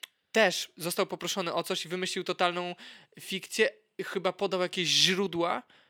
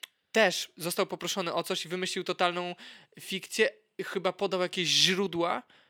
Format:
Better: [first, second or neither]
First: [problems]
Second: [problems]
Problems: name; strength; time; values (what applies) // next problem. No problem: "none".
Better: neither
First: thin; somewhat; fading below 300 Hz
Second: thin; somewhat; fading below 300 Hz